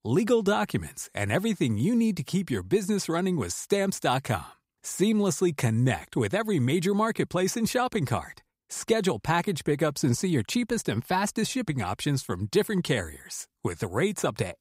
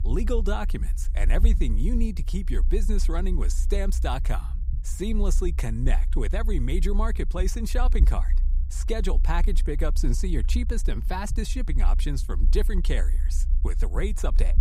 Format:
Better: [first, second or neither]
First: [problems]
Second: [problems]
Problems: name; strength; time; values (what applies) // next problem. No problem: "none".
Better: first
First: none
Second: low rumble; noticeable; throughout; 15 dB below the speech